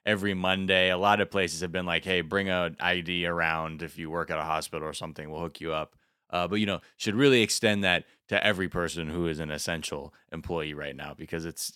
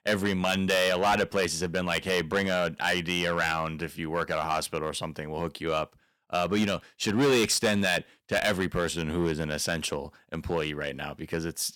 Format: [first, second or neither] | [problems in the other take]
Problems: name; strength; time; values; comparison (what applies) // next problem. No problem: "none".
first | distortion; heavy; 6% of the sound clipped